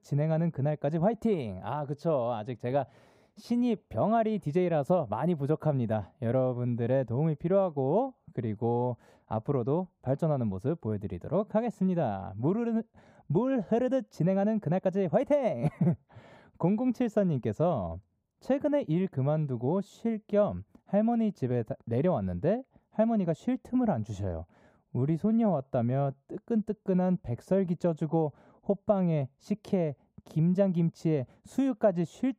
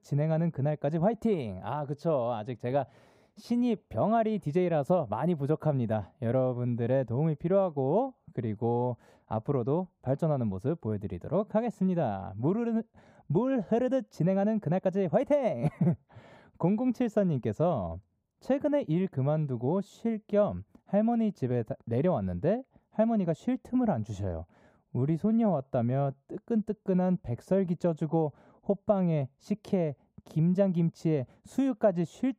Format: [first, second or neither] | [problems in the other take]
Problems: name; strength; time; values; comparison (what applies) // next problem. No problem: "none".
neither | muffled; slightly; fading above 1 kHz; the same in both